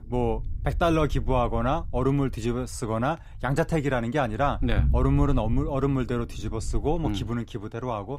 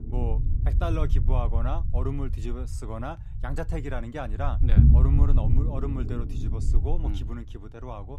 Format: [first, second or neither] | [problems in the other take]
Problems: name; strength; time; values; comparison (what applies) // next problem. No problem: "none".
first | low rumble; loud; throughout; 4 dB below the speech; faint in the first